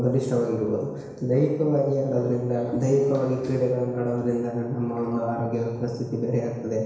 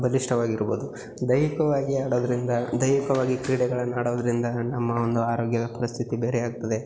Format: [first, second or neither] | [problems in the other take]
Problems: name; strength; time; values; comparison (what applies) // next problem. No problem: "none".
second | room echo; dies away in 1 s